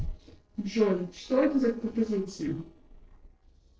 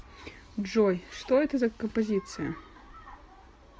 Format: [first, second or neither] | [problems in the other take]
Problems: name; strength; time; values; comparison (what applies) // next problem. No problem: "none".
second | noise reduction (neural separator model SepFormer DNS4)